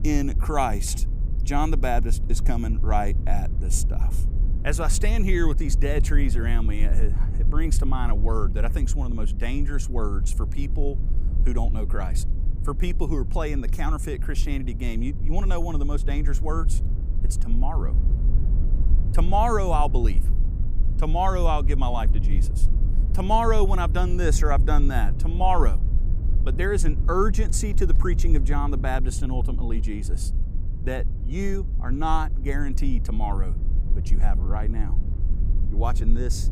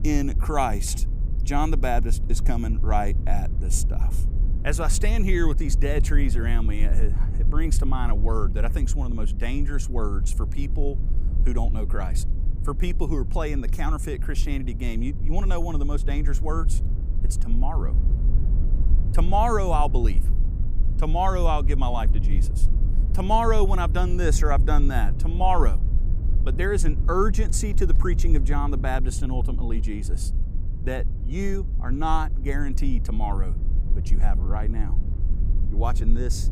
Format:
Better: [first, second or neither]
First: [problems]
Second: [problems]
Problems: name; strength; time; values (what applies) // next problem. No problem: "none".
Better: neither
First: low rumble; noticeable; throughout; 15 dB below the speech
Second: low rumble; noticeable; throughout; 15 dB below the speech